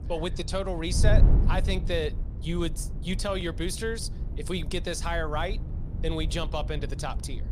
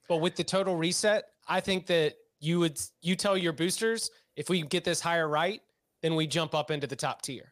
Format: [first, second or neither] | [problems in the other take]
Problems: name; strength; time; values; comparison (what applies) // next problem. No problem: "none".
second | wind noise on the microphone; occasional gusts; 15 dB below the speech